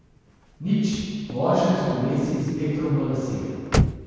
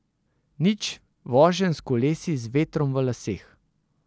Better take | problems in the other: second | background sound (Slam / Car); 6 dB below the speech // room echo; dies away in 2.1 s

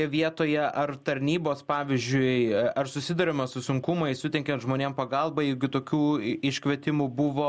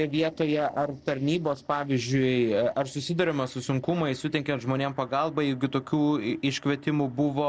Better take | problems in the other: first | noise reduction (neural separator model SepFormer DNS4)

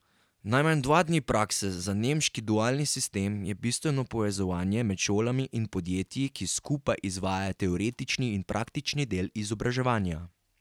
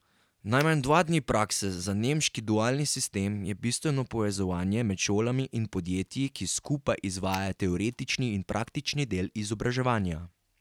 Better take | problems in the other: first | background sound (Finger snapping); 16 dB below the speech

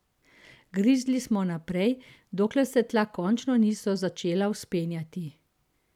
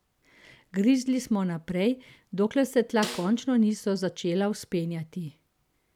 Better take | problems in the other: first | background sound (Snare drum); 13 dB below the speech

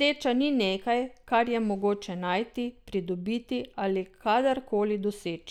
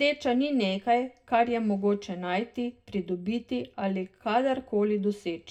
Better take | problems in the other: first | room echo; dies away in 0.2 s

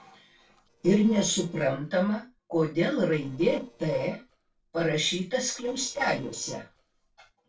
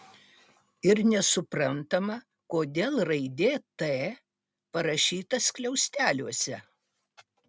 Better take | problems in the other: second | noise reduction (neural separator model SepFormer DNS4)

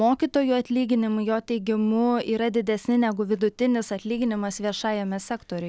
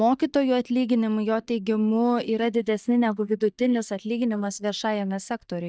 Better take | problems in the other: first | noise reduction (neural mask model DeepFilterNet 3)

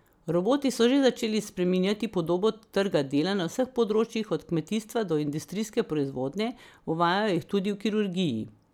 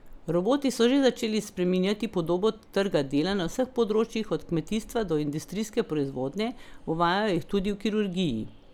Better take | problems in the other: first | background sound (Train); 18 dB below the speech

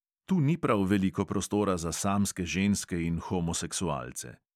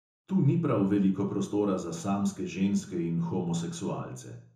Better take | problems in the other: first | room echo; dies away in 0.6 s

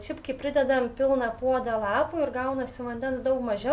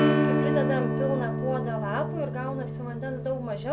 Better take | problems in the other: first | background sound (Strum); 4 dB above the speech

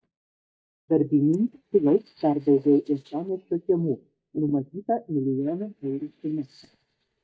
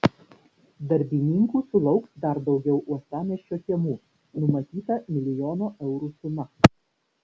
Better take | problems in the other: second | noise reduction (neural mask model DeepFilterNet 3)

